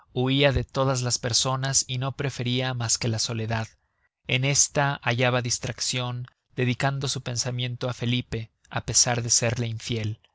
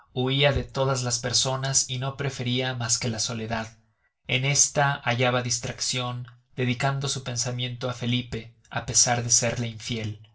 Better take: first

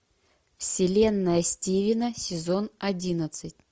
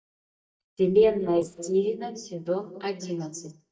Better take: first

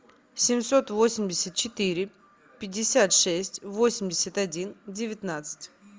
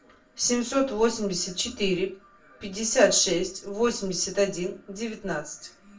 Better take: first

